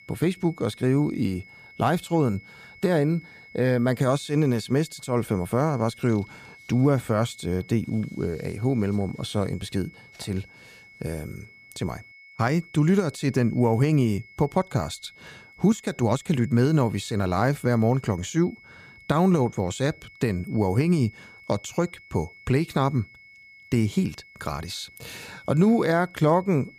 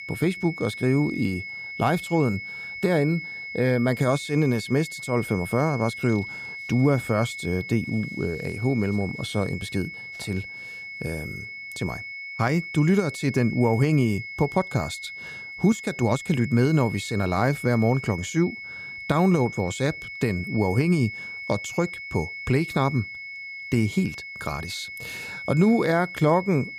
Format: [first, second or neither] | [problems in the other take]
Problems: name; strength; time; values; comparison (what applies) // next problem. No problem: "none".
first | high-pitched whine; loud; throughout; 2 kHz, 10 dB below the speech; faint in the first